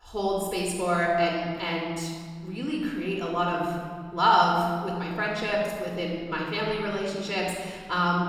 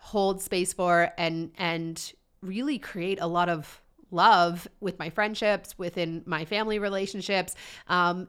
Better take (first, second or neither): second